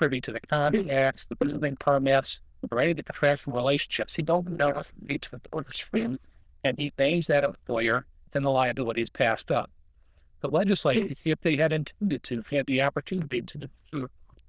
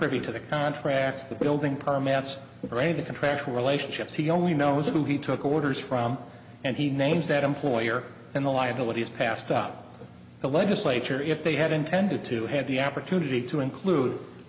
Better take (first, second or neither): second